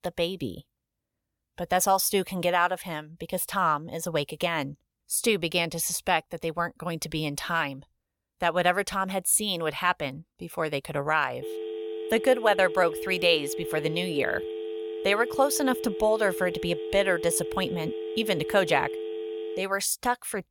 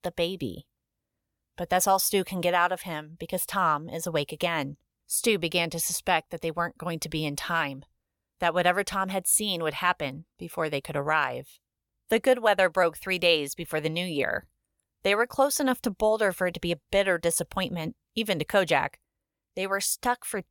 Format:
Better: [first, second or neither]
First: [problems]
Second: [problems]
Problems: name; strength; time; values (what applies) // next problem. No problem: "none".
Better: second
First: phone ringing; noticeable; from 11 to 20 s; peak 7 dB below the speech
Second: none